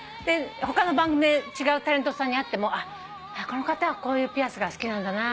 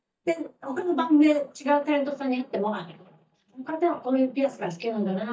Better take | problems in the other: first | noise reduction (neural mask model DeepFilterNet 3)

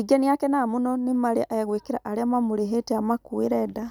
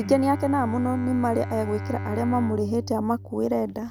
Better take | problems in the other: first | background sound (Bowed string instrument); 8 dB below the speech

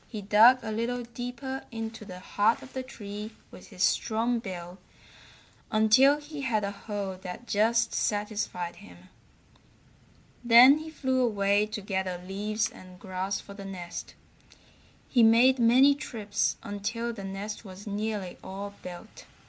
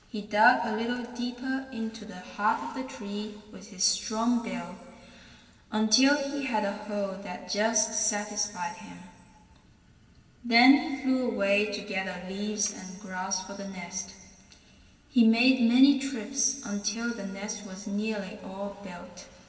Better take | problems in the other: first | room echo; dies away in 2.2 s

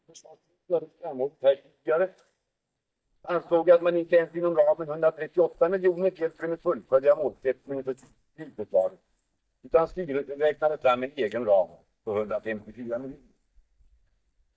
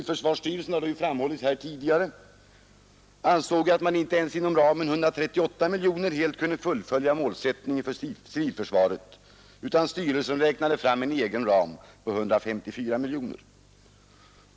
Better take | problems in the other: second | noise reduction (neural mask model DeepFilterNet 3)

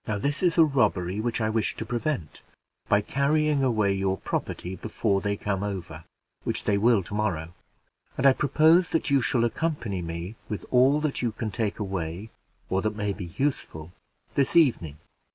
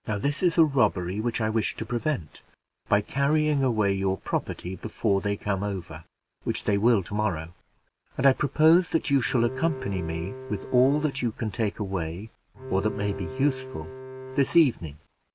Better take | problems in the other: first | background sound (Bowed string instrument); 11 dB below the speech

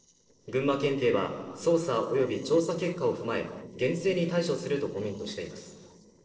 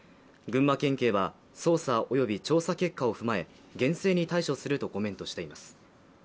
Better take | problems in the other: second | noise reduction (neural separator model SepFormer DNS4)

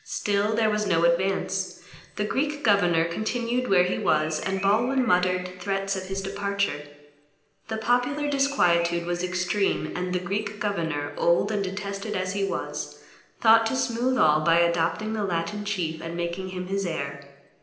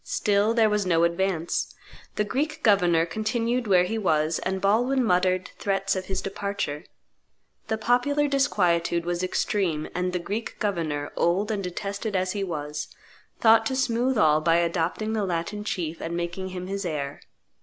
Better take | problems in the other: second | background sound (Bird); 18 dB below the speech // room echo; dies away in 0.8 s

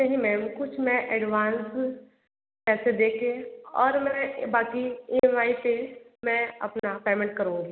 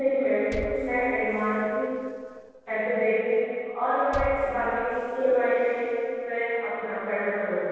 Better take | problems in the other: first | noise reduction (neural separator model SepFormer DNS4)

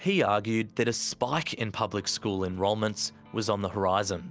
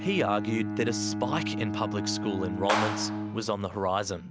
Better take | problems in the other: first | background sound (Clapping + Bowed string instrument); 2 dB below the speech

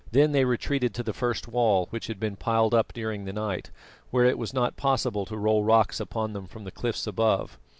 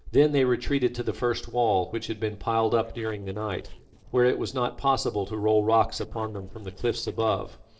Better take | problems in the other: first | noise reduction (neural separator model SepFormer DNS4)

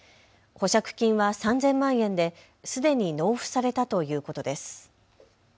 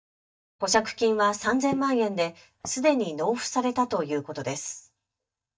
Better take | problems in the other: first | noise reduction (neural mask model DeepFilterNet 3)

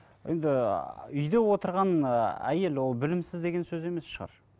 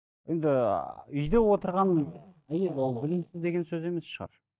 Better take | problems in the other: first | noise reduction (neural mask model DeepFilterNet 3)

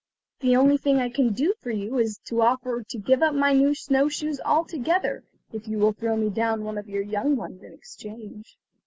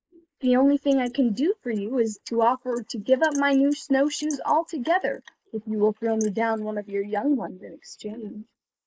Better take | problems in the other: first | noise reduction (neural mask model Resemble Enhance denoiser)

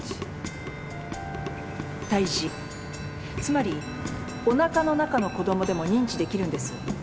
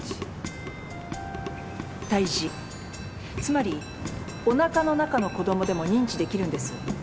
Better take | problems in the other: second | background sound (Wind instrument, woodwind instrument + Bowed string instrument); 13 dB below the speech

